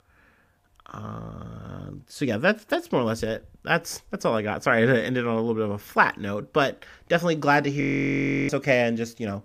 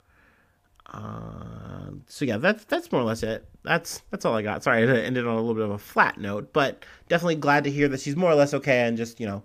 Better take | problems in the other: second | audio freezing; at 8 s for 0.5 s

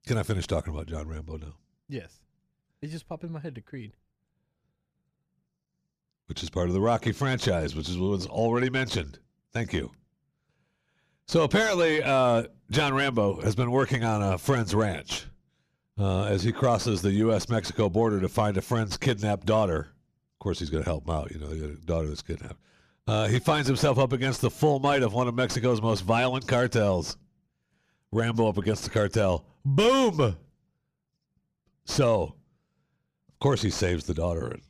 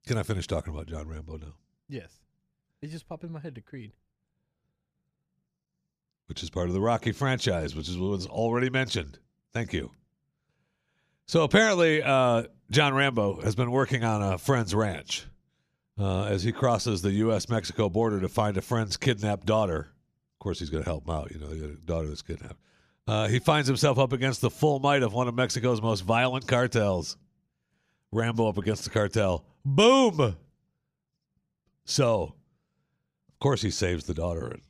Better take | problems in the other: second | distortion; slight; 10 dB below the speech

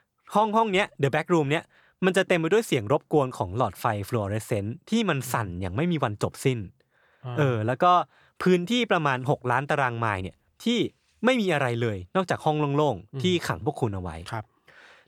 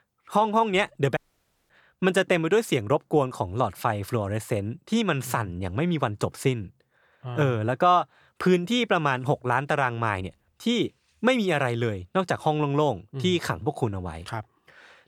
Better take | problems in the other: first | audio cutting out; at 1 s for 0.5 s

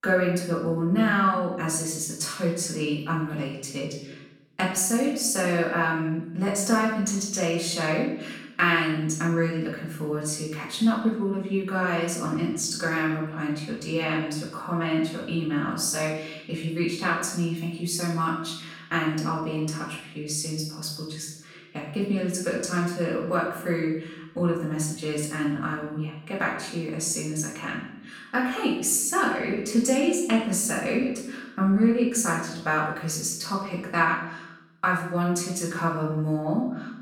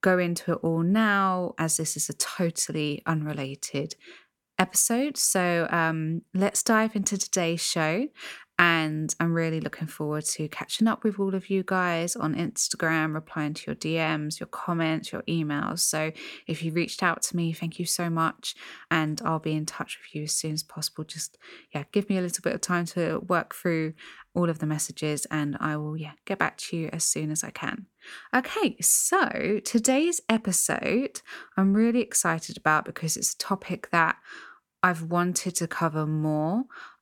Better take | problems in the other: second | off-mic speech; far // room echo; noticeable; dies away in 0.7 s

